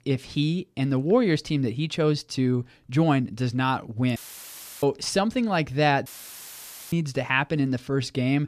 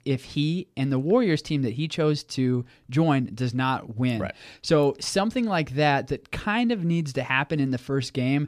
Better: second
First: audio cutting out; filled with static; at 4 s for 0.5 s and at 6 s for 1 s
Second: none

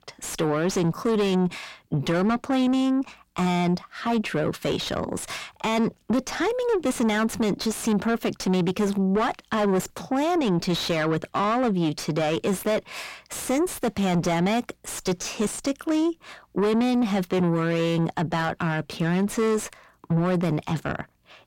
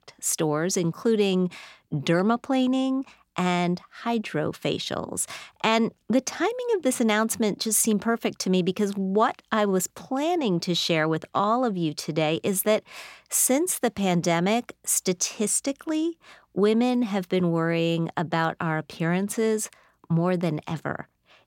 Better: second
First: distortion; heavy; 7 dB below the speech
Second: none

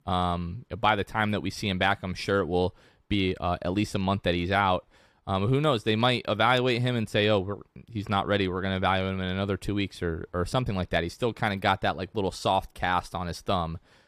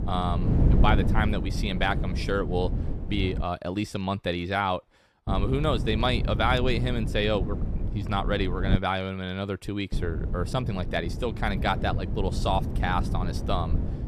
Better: first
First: none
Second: wind noise on the microphone; occasional gusts; until 3.5 s, from 5.5 to 9 s and from 10 s on; 10 dB below the speech

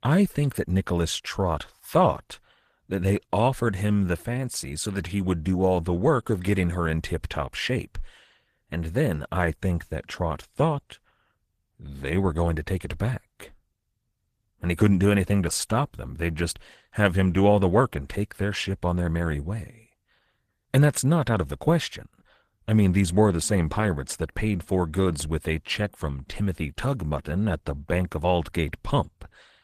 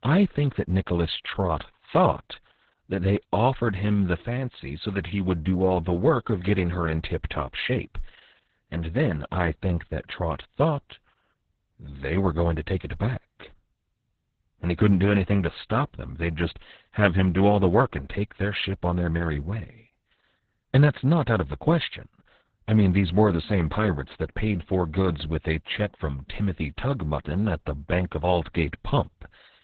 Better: first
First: garbled, watery; slightly; nothing above 14.5 kHz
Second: garbled, watery; badly; nothing above 4 kHz

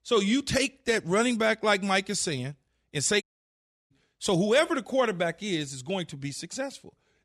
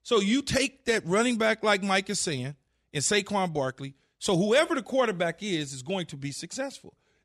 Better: second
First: audio cutting out; at 3 s for 0.5 s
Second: none

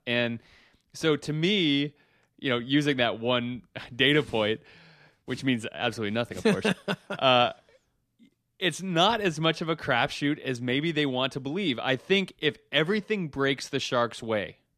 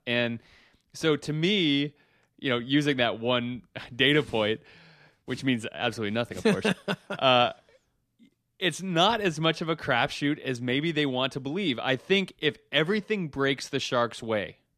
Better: neither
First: none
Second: none

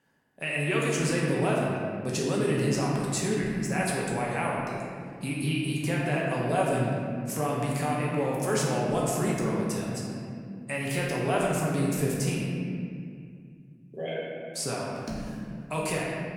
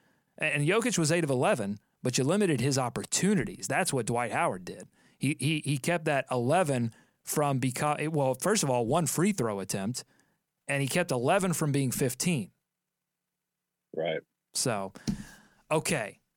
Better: second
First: room echo; noticeable; dies away in 2.3 s // off-mic speech; far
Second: none

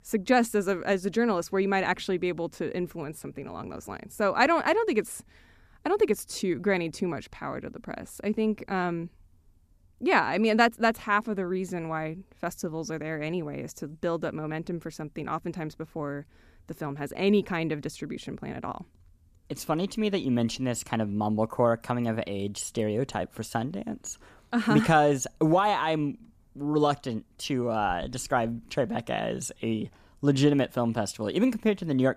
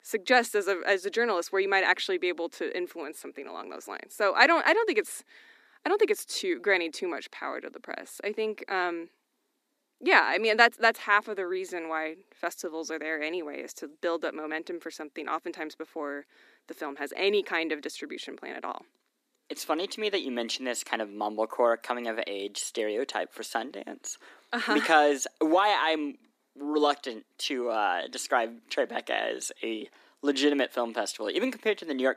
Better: first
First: none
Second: thin; somewhat; fading below 300 Hz

